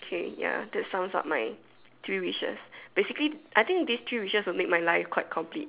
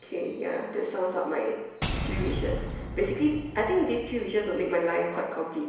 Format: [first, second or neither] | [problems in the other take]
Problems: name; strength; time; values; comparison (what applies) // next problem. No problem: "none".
first | background sound (Shatter / Boom); 6 dB below the speech // room echo; dies away in 1 s